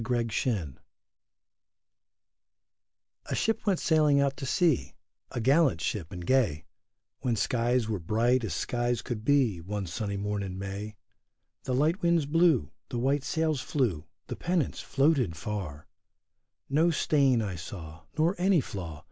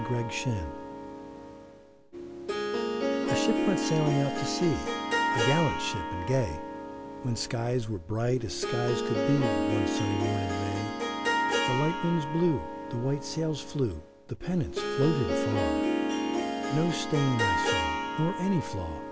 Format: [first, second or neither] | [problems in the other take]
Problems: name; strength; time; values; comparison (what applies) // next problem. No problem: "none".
first | background sound (Harp); as loud as the speech